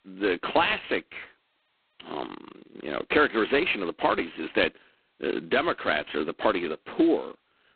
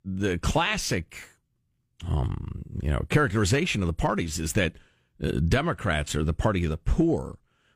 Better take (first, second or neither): second